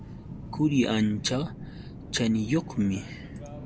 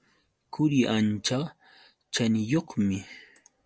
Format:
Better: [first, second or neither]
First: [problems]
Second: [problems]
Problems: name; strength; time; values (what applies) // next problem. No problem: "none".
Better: second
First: background sound (Subway, metro, underground); 11 dB below the speech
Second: none